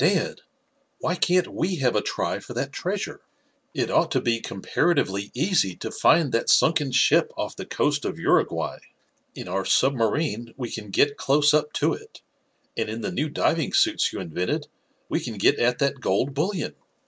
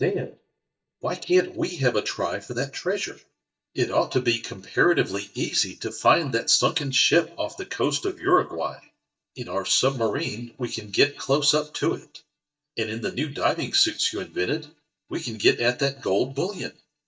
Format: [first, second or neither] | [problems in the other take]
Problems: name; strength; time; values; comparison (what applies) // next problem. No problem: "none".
first | noise reduction (neural mask model DeepFilterNet 3)